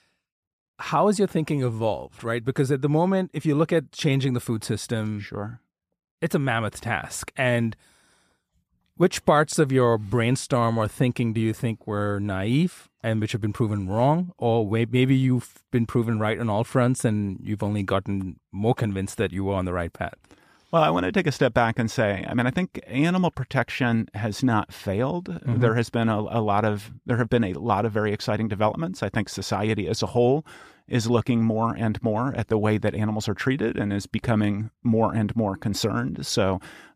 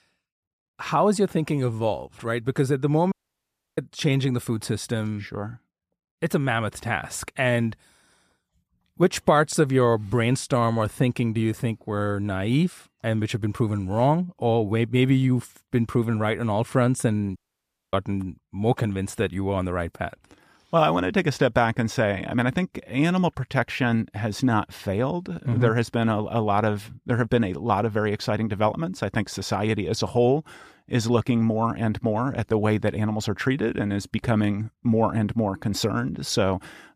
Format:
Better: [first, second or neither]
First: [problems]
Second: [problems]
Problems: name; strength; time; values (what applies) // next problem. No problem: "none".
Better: first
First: none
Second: audio cutting out; at 3 s for 0.5 s and at 17 s for 0.5 s